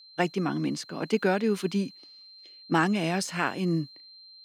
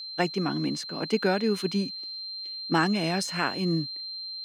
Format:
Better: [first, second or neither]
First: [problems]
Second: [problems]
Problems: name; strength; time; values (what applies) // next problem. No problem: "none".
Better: first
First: high-pitched whine; faint; throughout; 4 kHz, 20 dB below the speech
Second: high-pitched whine; loud; throughout; 4 kHz, 7 dB below the speech